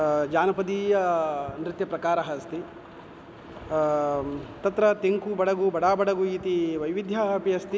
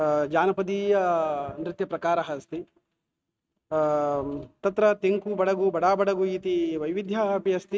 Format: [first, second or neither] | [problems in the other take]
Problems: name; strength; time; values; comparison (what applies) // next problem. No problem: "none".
first | noise reduction (neural mask model RNNoise)